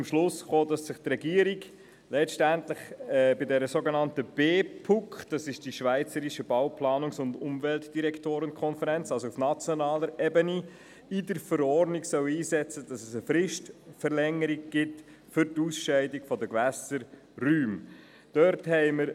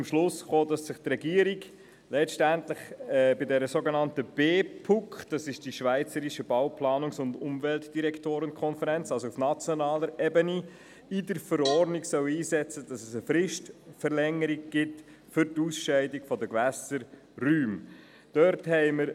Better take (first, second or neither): first